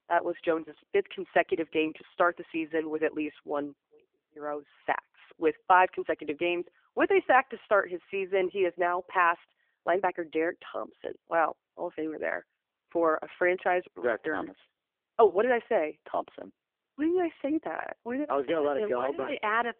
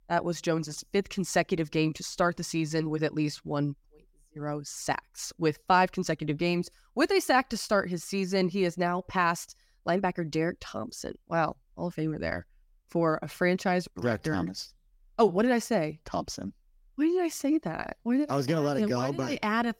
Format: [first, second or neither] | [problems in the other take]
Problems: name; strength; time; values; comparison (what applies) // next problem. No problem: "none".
second | phone-call audio